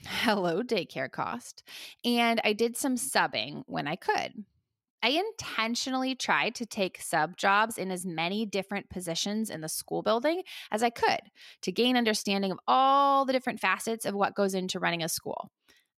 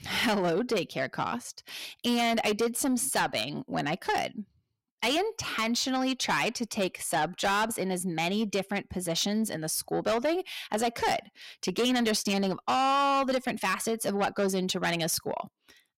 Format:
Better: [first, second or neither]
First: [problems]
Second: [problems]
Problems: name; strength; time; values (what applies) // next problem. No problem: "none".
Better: first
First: none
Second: distortion; heavy; 7 dB below the speech